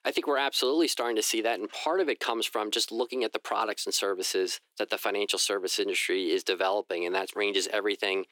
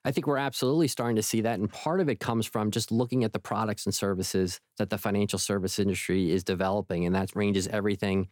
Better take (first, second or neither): second